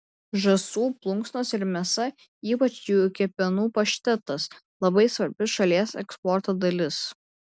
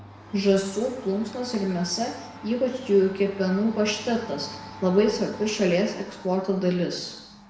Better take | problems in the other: first | background sound (Domestic sounds, home sounds); 18 dB below the speech // room echo; dies away in 0.8 s

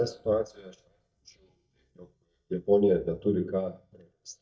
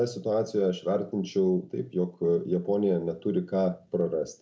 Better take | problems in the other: second | noise reduction (neural mask model DeepFilterNet 3)

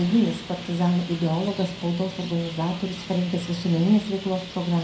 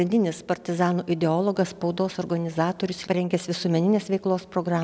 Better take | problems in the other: second | background sound (Traffic noise, roadway noise); 14 dB below the speech // room echo; dies away in 0.4 s

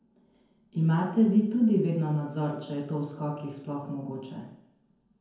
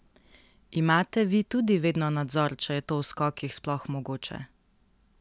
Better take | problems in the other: second | room echo; dies away in 0.9 s

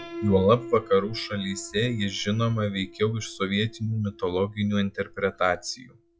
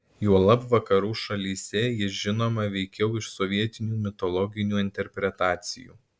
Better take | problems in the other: second | noise reduction (classical method log-MMSE)

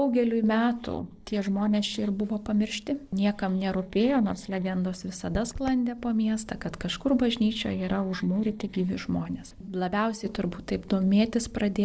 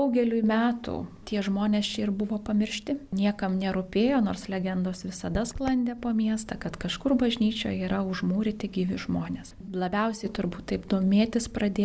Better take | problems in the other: second | noise reduction (neural separator model SepFormer DNS4)

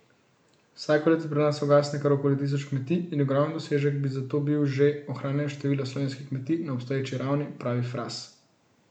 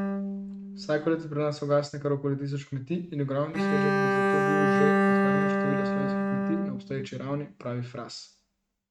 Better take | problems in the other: first | noise reduction (neural mask model RNNoise)

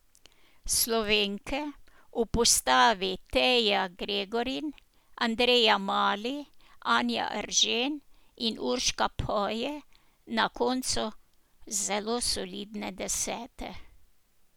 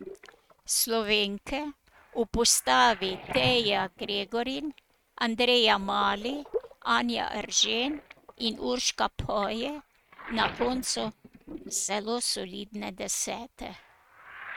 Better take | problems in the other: first | noise reduction (neural mask model RNNoise)

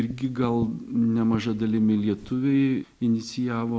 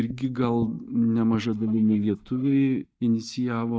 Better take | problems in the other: first | noise reduction (neural mask model DeepFilterNet 3)

